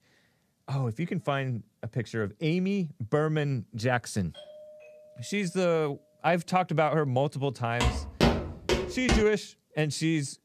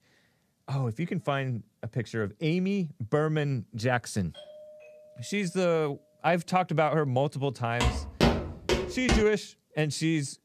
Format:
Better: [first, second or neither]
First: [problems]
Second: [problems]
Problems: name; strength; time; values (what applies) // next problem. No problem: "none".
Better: neither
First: doorbell; faint; from 4.5 to 6 s; peak 20 dB below the speech // footsteps; loud; from 8 to 9 s; peak 3 dB above the speech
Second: doorbell; faint; from 4.5 to 6 s; peak 20 dB below the speech // footsteps; loud; from 8 to 9 s; peak 3 dB above the speech